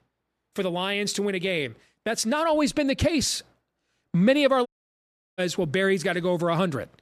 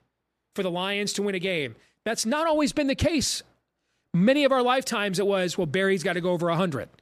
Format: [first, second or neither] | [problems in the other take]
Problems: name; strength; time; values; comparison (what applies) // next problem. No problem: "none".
second | audio cutting out; at 4.5 s for 0.5 s